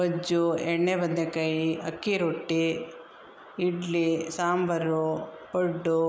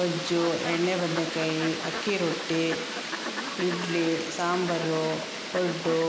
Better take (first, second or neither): first